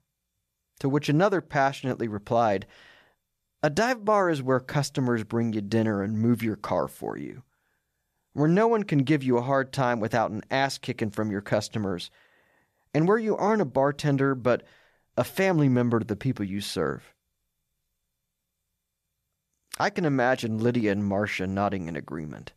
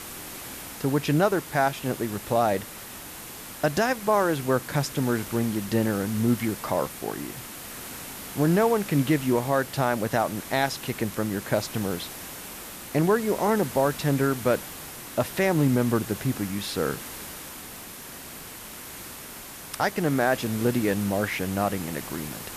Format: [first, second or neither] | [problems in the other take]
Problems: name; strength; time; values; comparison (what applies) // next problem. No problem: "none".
first | hiss; noticeable; throughout; 10 dB below the speech